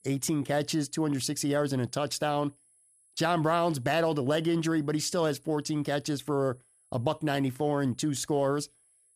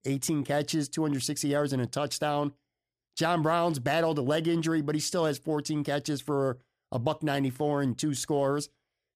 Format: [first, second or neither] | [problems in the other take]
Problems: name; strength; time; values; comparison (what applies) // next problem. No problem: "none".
second | high-pitched whine; faint; throughout; 10.5 kHz, 35 dB below the speech